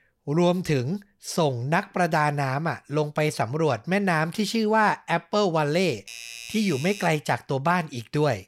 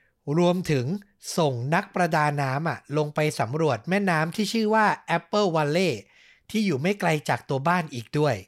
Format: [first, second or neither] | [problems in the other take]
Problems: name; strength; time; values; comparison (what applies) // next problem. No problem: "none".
second | doorbell; faint; from 6 to 7 s; peak 10 dB below the speech